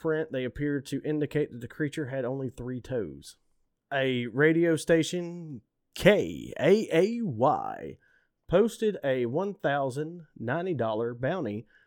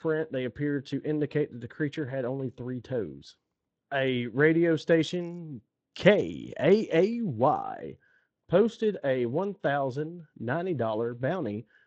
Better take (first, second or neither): first